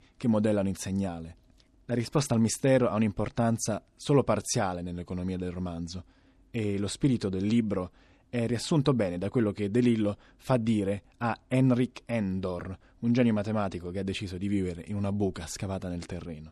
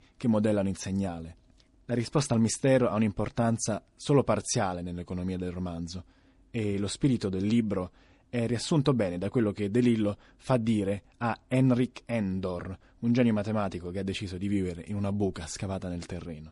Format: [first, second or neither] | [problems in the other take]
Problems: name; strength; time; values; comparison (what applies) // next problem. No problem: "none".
first | garbled, watery; slightly; nothing above 10.5 kHz